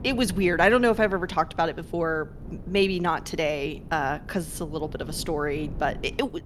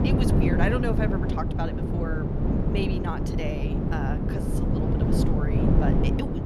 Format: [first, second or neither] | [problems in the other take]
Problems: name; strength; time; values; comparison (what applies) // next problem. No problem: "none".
first | wind noise on the microphone; heavy; 1 dB above the speech; occasional gusts in the first